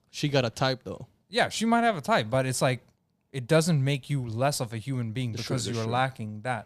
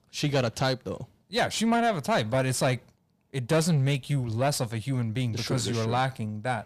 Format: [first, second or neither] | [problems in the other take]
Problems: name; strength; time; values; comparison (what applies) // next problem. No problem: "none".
first | distortion; slight; 10 dB below the speech